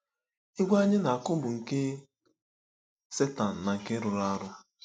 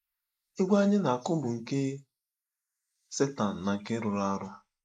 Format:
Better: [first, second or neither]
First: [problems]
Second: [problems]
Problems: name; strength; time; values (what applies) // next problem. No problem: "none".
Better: first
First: none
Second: noise reduction (neural mask model Resemble Enhance denoiser)